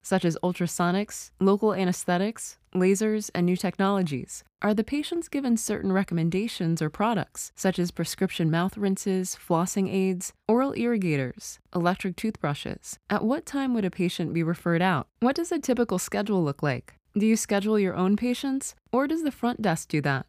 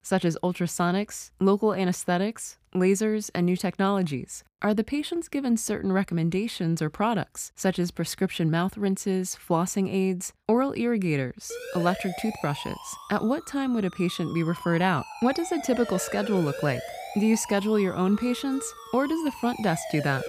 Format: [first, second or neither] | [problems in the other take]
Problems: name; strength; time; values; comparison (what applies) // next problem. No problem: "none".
first | siren; noticeable; from 12 s on; peak 7 dB below the speech